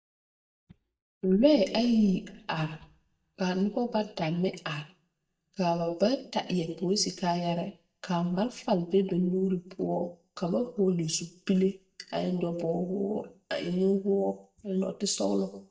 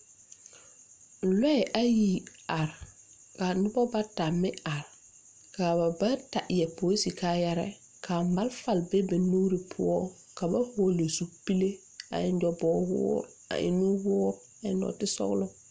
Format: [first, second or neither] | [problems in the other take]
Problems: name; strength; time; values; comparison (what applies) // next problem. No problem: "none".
second | noise reduction (neural mask model DeepFilterNet 3)